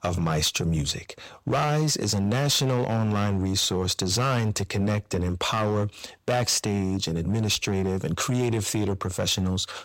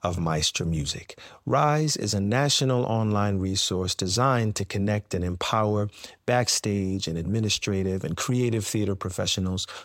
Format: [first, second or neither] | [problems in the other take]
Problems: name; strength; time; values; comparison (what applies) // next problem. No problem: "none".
second | distortion; slight; 10% of the sound clipped